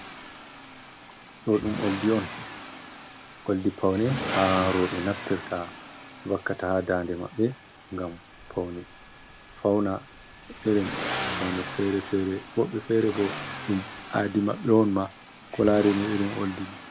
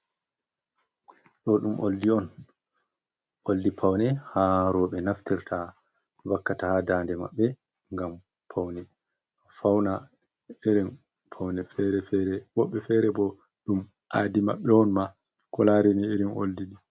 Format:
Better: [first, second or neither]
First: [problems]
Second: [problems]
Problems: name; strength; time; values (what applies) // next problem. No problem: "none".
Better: second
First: background sound (Accelerating, revving, vroom); 10 dB below the speech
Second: none